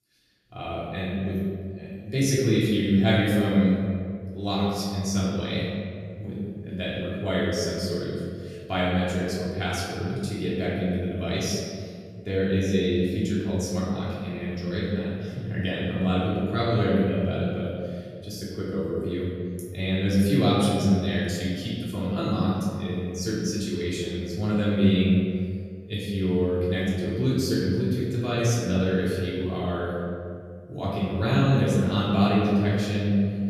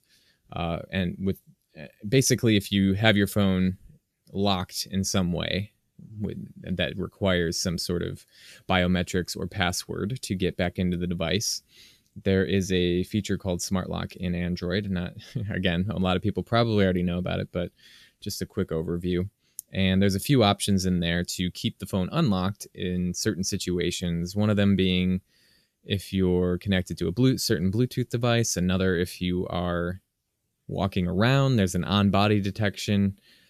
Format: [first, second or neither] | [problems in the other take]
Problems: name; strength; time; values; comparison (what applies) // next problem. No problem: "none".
second | room echo; strong; dies away in 2 s // off-mic speech; far